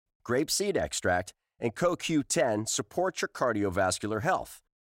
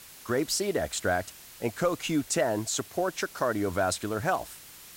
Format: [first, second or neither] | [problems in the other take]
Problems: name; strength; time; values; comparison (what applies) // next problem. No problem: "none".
first | hiss; noticeable; throughout; 15 dB below the speech